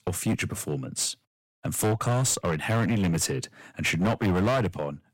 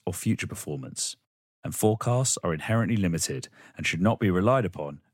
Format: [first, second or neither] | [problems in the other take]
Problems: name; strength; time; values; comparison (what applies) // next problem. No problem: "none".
second | distortion; heavy; 15% of the sound clipped